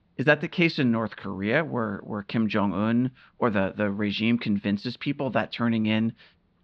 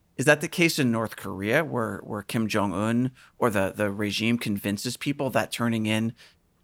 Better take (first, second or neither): second